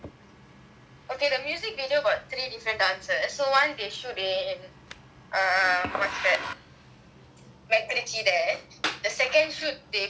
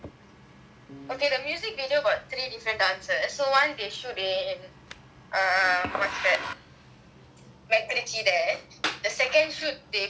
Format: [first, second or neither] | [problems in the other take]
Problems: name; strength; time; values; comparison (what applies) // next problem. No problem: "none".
first | background sound (Piano); 17 dB below the speech